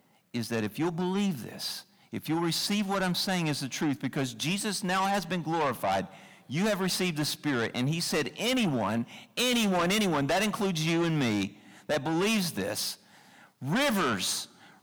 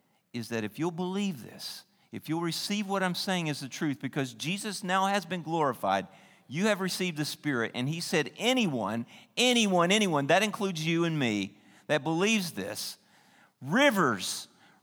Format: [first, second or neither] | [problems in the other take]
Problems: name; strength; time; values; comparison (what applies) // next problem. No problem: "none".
second | distortion; heavy; 6 dB below the speech